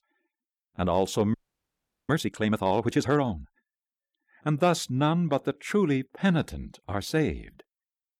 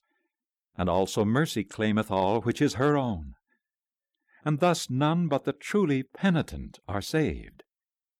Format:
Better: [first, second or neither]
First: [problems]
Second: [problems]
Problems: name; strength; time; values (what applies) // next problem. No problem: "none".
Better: second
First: audio freezing; at 1.5 s for 0.5 s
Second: none